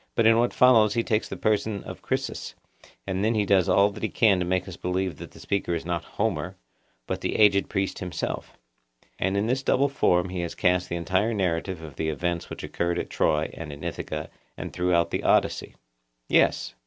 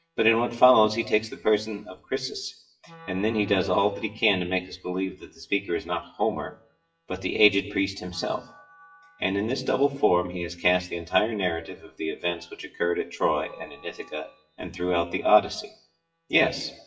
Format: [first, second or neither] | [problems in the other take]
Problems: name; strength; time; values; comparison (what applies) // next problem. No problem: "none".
first | noise reduction (classical method WPE with log-MMSE)